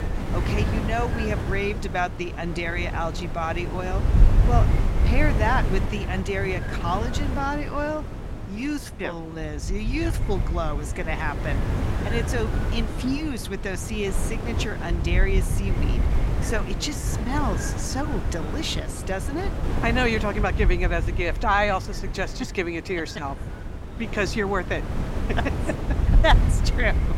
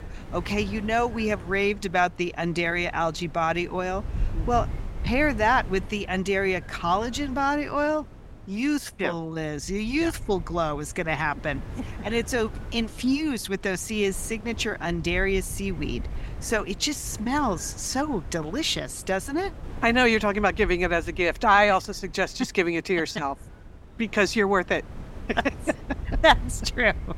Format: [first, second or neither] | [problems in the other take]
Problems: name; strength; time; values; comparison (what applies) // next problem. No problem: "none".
second | wind noise on the microphone; heavy; 8 dB below the speech; occasional gusts in the second